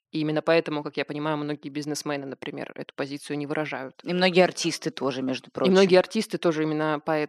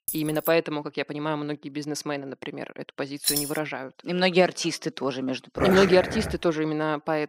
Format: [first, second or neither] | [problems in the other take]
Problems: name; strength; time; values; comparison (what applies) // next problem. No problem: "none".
first | jangling keys; noticeable; at the start; peak 6 dB below the speech // jangling keys; loud; at 3 s; peak 1 dB above the speech // dog barking; loud; at 5.5 s; peak 1 dB above the speech